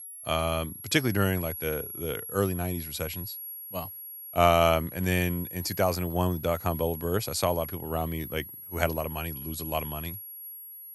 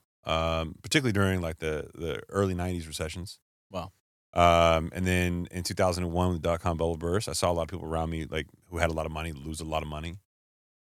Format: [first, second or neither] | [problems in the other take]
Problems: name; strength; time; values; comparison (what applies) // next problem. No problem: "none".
second | high-pitched whine; loud; throughout; 11.5 kHz, 9 dB below the speech